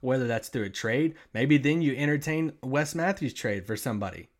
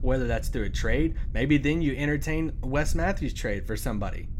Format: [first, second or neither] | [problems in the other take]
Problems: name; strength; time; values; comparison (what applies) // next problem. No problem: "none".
first | low rumble; faint; throughout; 25 dB below the speech